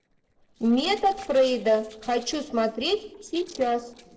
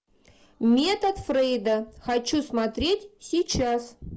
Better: second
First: noise reduction (neural separator model SepFormer DNS4)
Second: none

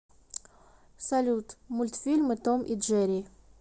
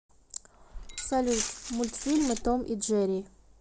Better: first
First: none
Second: background sound (Glass); 8 dB below the speech

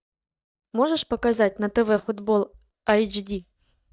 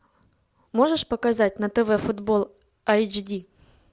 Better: second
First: noise reduction (neural mask model DeepFilterNet 3)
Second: none

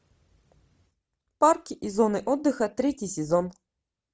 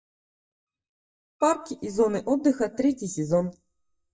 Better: first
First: none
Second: noise reduction (neural mask model DeepFilterNet 3)

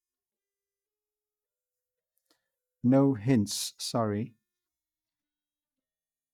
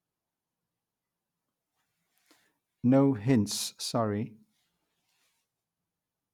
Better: second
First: noise reduction (neural mask model DeepFilterNet 3)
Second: none

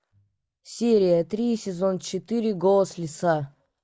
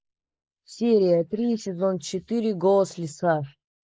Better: first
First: none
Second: noise reduction (neural mask model Resemble Enhance denoiser)

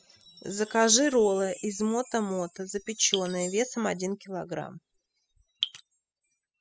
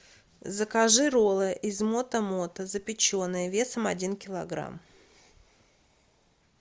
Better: second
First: noise reduction (classical method spectral subtraction)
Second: none

